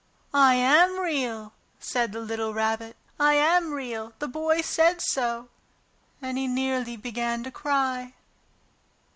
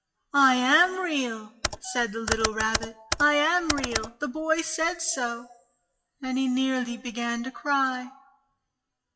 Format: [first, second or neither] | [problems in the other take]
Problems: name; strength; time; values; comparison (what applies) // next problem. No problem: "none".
first | noise reduction (classical method WPE with log-MMSE)